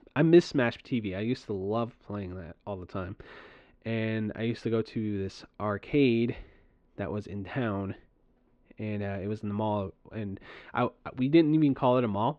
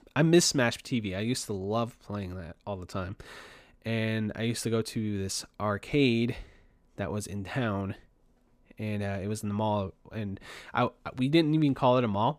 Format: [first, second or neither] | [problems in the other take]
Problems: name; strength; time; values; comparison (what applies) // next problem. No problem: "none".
second | muffled; slightly; fading above 3.5 kHz